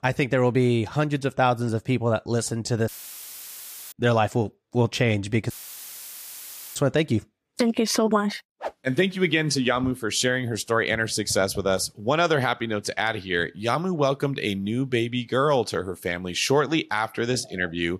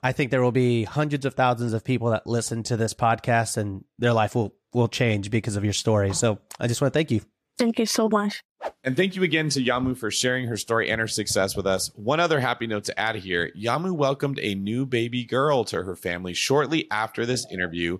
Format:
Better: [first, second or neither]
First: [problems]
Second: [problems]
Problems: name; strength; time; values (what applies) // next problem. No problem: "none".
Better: second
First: audio cutting out; filled with static; at 3 s for 1 s and at 5.5 s for 1.5 s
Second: none